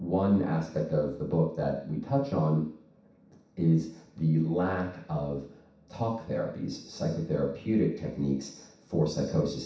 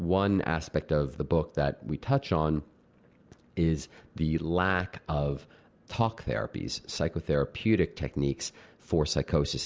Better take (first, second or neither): second